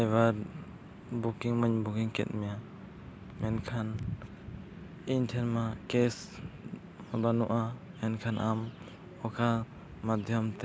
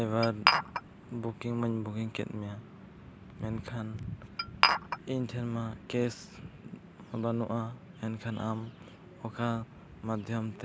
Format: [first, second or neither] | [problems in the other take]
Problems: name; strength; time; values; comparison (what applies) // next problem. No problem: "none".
first | background sound (Glass); 4 dB above the speech